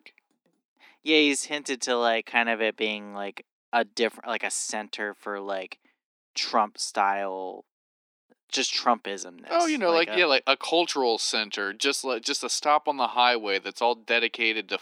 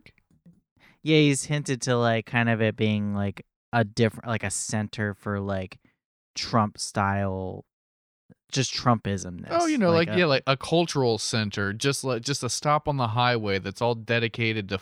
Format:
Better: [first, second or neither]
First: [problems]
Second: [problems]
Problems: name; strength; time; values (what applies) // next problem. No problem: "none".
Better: second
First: thin; somewhat; fading below 250 Hz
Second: none